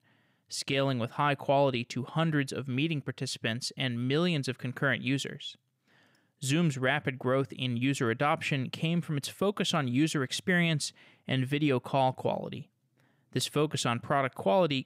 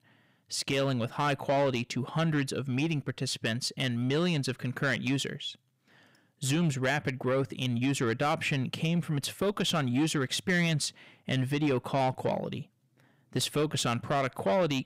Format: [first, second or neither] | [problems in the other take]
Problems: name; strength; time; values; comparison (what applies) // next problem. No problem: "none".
first | distortion; slight; 10 dB below the speech